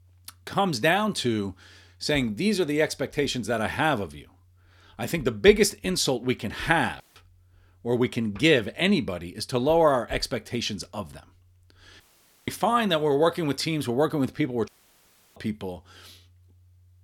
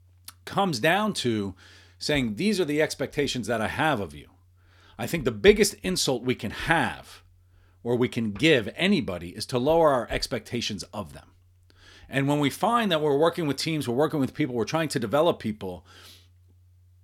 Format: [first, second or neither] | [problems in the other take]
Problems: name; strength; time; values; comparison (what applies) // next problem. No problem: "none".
second | audio cutting out; at 7 s, at 12 s and at 15 s for 0.5 s